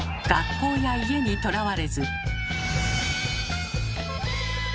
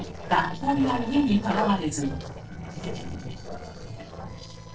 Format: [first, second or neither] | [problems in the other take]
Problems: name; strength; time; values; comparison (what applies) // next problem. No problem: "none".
first | noise reduction (neural separator model SepFormer DNS4)